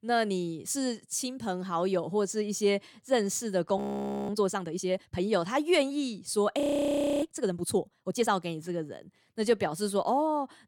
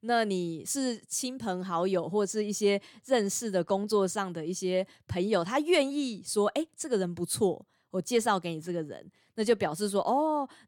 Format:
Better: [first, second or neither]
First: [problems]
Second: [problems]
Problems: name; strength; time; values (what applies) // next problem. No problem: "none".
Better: second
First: audio freezing; at 4 s for 0.5 s and at 6.5 s for 0.5 s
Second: none